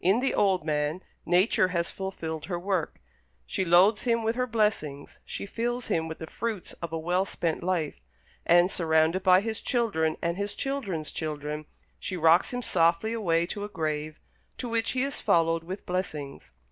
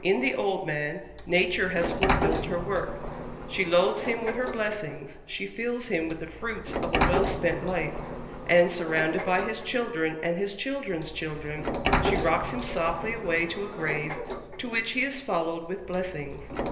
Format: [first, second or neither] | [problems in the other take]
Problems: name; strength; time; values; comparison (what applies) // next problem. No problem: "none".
first | background sound (Sliding door); 4 dB below the speech // room echo; dies away in 1.4 s